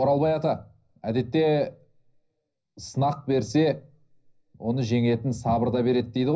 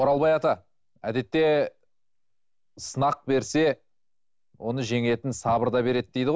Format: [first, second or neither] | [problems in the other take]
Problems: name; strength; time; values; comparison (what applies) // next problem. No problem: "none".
second | room echo; dies away in 0.5 s